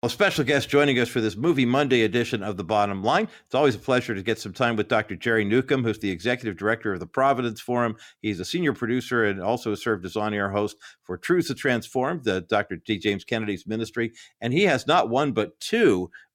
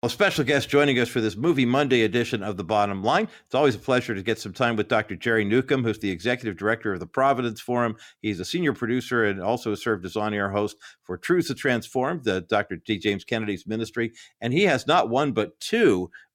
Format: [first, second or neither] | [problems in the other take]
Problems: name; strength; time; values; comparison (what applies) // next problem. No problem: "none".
neither | none